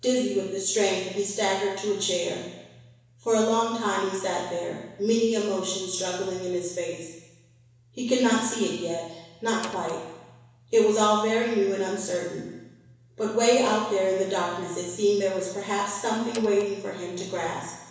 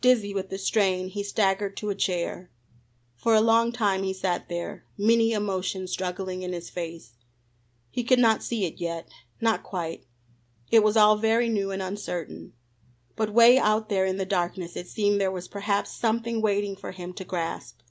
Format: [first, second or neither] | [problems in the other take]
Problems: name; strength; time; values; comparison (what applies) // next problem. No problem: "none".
second | background sound (Door); 15 dB below the speech // room echo; dies away in 1.1 s